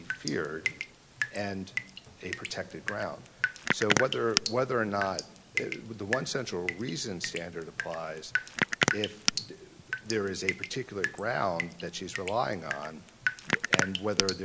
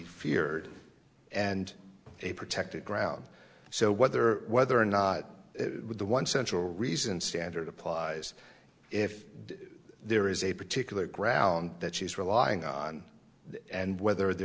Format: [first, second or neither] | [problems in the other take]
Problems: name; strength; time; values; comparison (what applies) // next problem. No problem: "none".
second | background sound (Drip); as loud as the speech